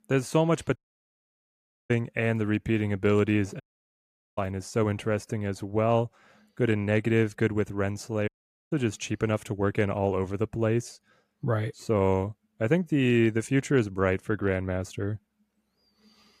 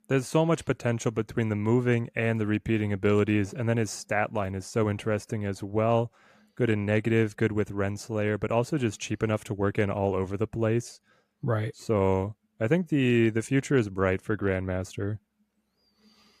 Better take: second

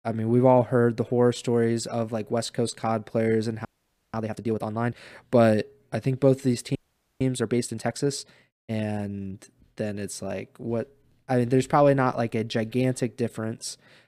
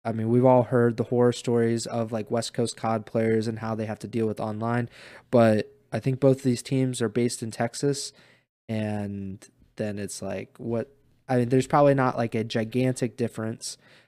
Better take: second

